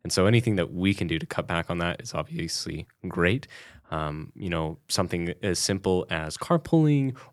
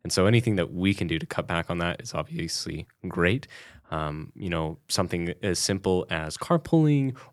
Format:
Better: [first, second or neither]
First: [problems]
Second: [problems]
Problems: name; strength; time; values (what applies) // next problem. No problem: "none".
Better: neither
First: none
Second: none